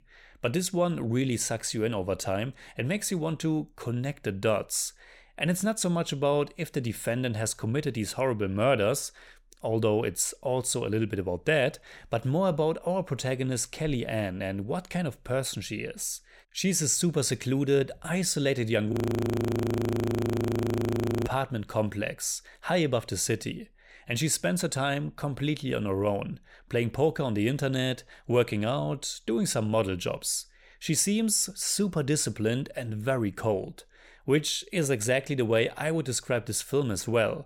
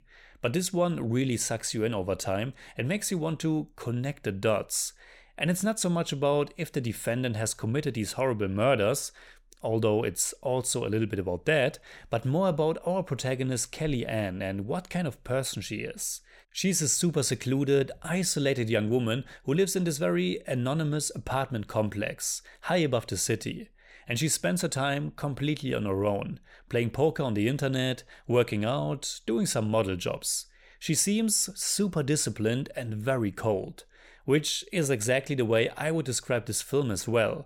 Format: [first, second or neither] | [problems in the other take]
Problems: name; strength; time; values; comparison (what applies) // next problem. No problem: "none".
second | audio freezing; at 19 s for 2.5 s